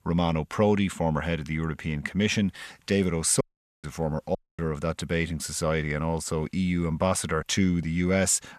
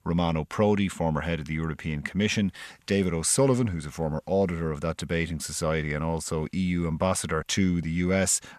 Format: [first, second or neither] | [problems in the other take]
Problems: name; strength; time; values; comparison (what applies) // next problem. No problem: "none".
second | audio cutting out; at 3.5 s and at 4.5 s